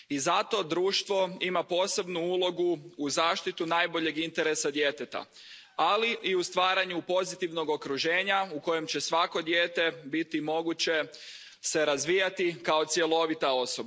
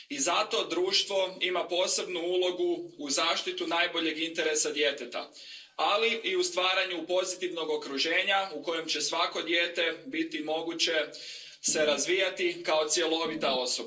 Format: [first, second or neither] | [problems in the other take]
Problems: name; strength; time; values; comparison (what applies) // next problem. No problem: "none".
first | noise reduction (neural separator model SepFormer DNS4)